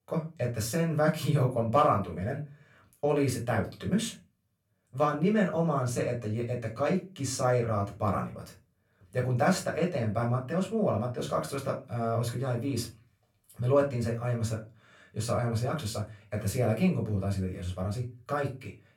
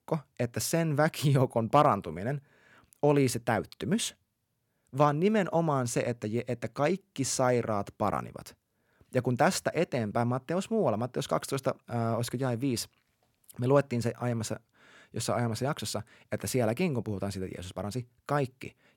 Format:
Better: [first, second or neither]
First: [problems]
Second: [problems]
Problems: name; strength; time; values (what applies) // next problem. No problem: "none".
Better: second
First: room echo; slight; dies away in 0.2 s // off-mic speech; far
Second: none